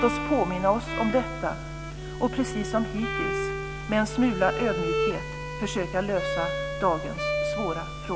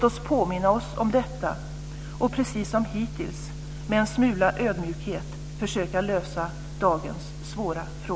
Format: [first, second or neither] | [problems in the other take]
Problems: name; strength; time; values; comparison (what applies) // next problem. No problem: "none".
second | background sound (Bowed string instrument); 4 dB below the speech